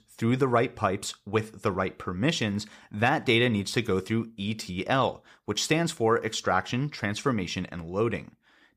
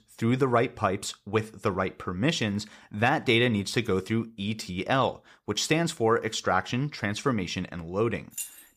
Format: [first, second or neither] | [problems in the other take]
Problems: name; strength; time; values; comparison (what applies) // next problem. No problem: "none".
first | jangling keys; noticeable; at 8.5 s; peak 9 dB below the speech